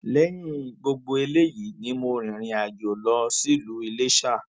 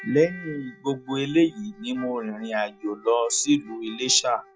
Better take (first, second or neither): first